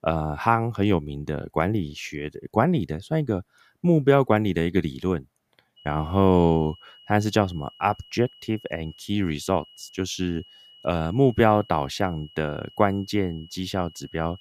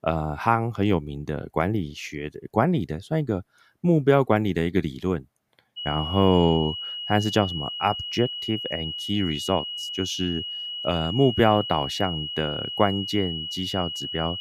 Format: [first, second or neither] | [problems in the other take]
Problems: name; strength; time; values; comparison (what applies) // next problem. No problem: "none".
first | high-pitched whine; loud; from 6 s on; 3 kHz, 5 dB below the speech; faint in the first